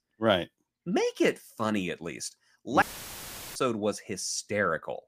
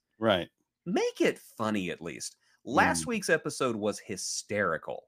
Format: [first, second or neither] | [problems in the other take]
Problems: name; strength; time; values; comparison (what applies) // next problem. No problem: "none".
second | audio cutting out; filled with static; at 3 s for 0.5 s